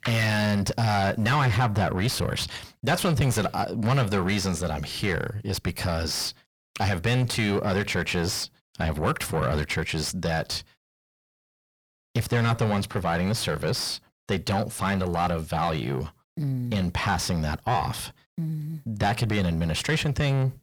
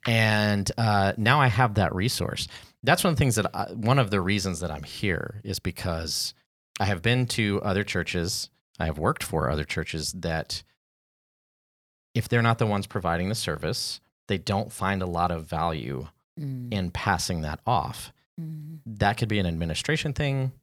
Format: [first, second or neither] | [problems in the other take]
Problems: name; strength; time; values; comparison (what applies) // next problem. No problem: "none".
second | distortion; heavy; 6 dB below the speech